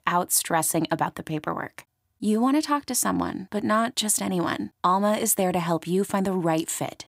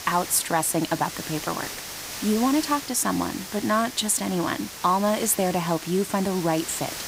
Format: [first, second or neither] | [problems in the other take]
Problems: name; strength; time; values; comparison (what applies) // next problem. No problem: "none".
first | hiss; loud; throughout; 10 dB below the speech